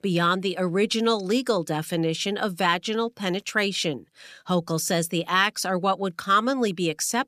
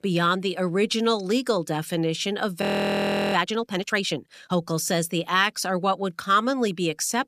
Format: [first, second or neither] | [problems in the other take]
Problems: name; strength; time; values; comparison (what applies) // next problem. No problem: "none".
first | audio freezing; at 2.5 s for 0.5 s